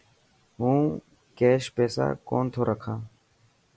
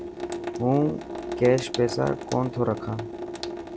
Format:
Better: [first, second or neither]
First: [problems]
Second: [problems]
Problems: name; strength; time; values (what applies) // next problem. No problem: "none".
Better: first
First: none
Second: background sound (Sink (filling or washing) / Water tap, faucet); 7 dB below the speech